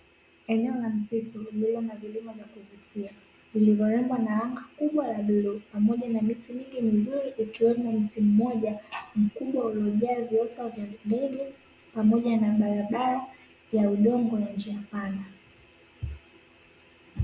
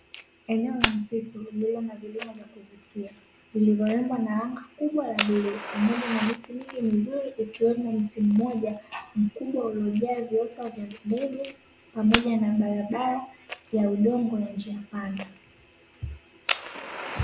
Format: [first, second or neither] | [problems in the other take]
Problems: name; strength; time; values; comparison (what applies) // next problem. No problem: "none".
first | background sound (Fire); 10 dB below the speech